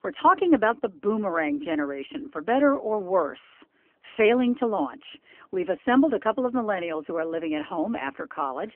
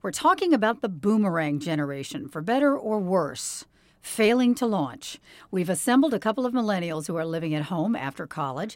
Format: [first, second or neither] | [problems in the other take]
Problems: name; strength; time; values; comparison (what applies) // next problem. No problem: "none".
second | phone-call audio; nothing above 3 kHz